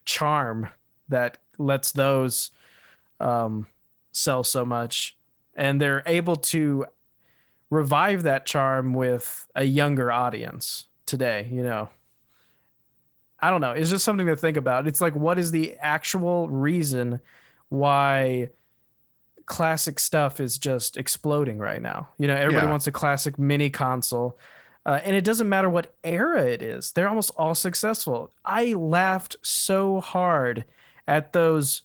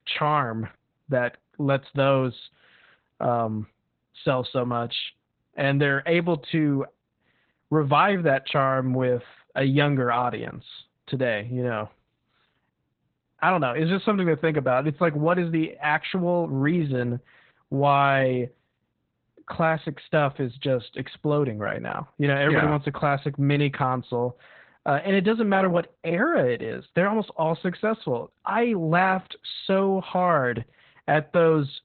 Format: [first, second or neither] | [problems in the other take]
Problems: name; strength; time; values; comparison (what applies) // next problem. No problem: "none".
first | garbled, watery; badly; nothing above 4 kHz; slightly in the first